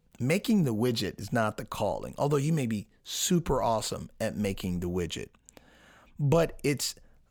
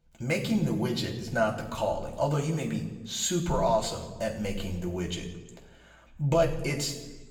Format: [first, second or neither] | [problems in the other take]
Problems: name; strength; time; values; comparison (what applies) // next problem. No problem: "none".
first | room echo; slight; dies away in 1 s // off-mic speech; somewhat distant